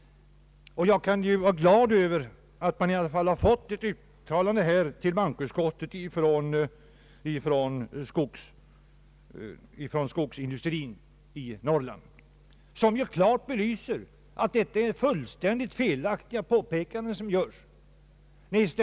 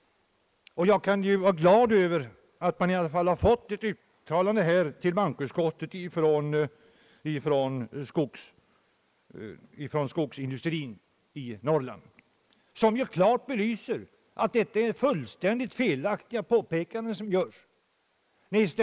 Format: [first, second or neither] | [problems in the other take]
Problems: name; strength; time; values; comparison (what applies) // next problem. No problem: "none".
first | noise reduction (neural mask model Resemble Enhance denoiser)